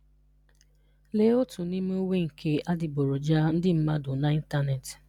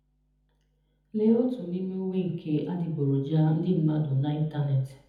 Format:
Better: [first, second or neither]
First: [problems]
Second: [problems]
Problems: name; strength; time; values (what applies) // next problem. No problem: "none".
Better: first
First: none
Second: room echo; dies away in 1 s